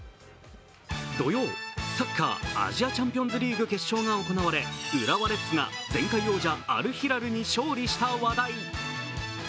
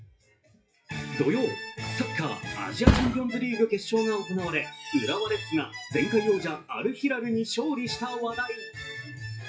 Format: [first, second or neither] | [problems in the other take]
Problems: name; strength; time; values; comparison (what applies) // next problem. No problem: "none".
first | noise reduction (classical method WPE with log-MMSE)